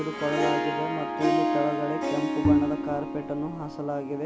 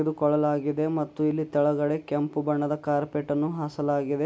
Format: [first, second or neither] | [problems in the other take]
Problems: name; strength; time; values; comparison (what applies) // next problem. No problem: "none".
second | background sound (Harp + Bowed string instrument); 3 dB above the speech